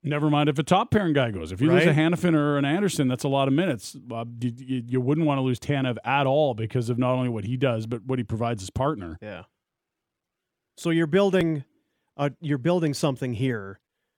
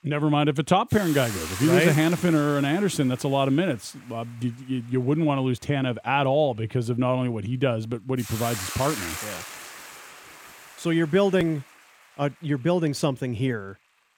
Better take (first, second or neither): first